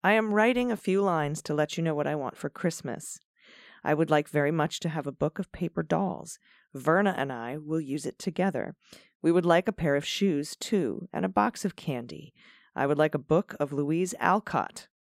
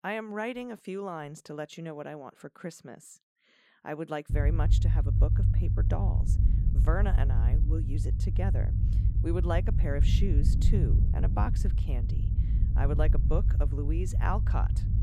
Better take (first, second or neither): first